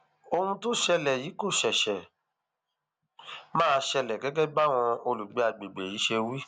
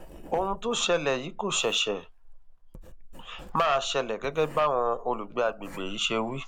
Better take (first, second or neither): first